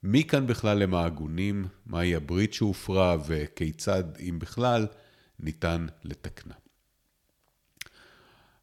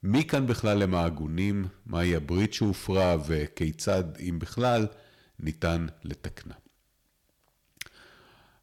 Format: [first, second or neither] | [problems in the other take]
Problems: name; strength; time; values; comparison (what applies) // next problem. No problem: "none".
first | distortion; slight; 3% of the sound clipped